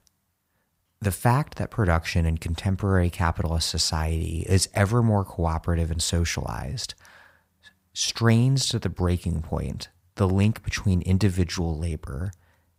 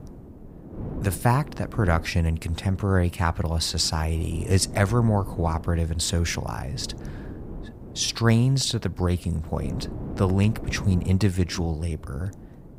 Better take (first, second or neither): first